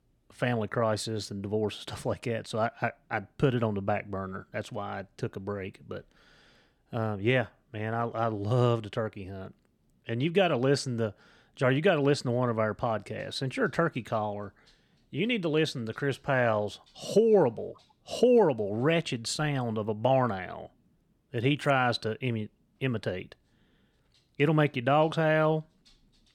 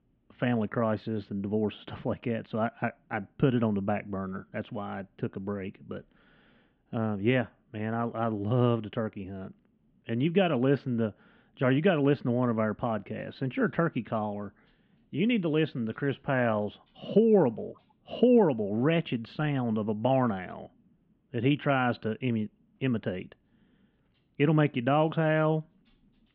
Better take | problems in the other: first | muffled; very; fading above 3 kHz

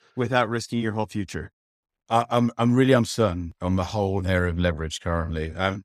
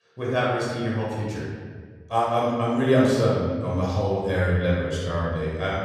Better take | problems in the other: first | off-mic speech; far // room echo; strong; dies away in 1.6 s

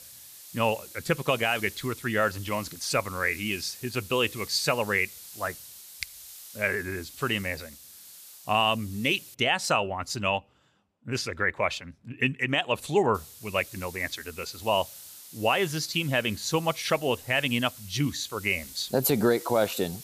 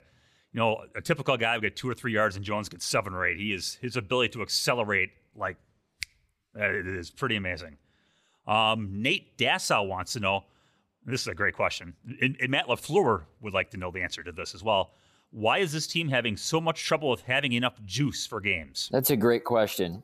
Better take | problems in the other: second | hiss; noticeable; until 9.5 s and from 13 s on; 15 dB below the speech

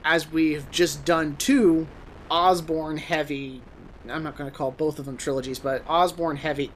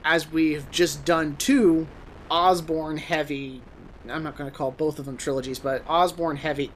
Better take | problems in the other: neither | wind noise on the microphone; occasional gusts; 25 dB below the speech; the same in both

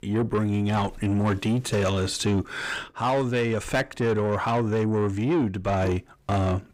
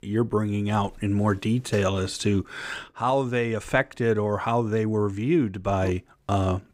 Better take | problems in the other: second | distortion; slight; 10 dB below the speech

